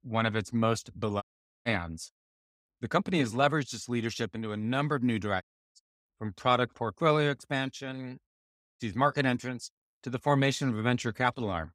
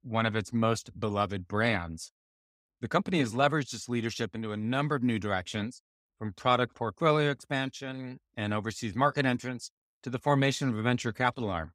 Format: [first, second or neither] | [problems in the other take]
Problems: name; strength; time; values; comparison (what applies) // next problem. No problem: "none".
second | audio cutting out; at 1 s, at 5.5 s and at 8.5 s for 0.5 s